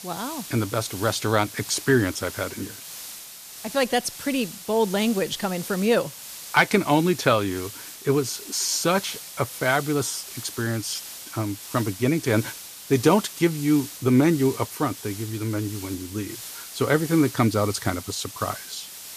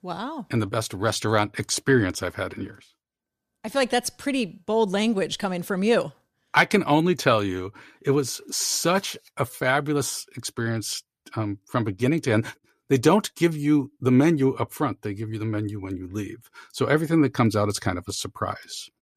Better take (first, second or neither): second